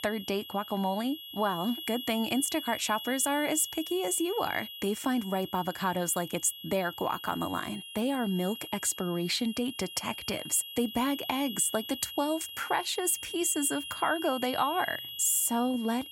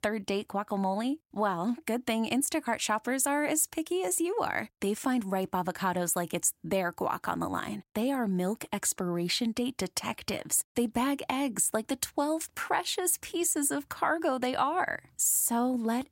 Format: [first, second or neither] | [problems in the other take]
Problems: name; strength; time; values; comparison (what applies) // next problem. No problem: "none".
second | high-pitched whine; loud; throughout; 3.5 kHz, 10 dB below the speech